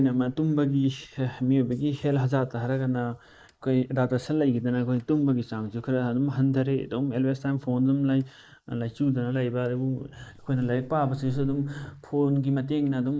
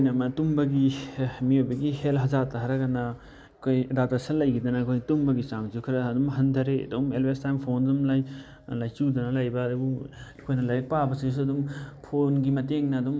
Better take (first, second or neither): second